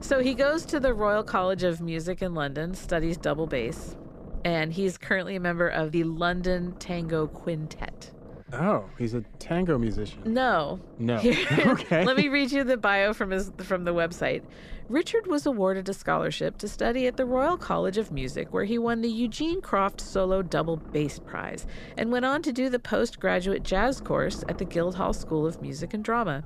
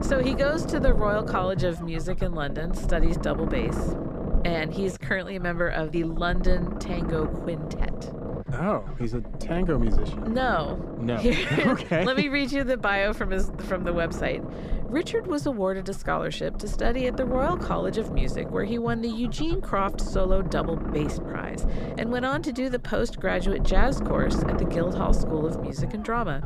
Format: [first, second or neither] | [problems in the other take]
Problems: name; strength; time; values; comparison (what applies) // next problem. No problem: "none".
first | low rumble; loud; throughout; 9 dB below the speech; faint in the first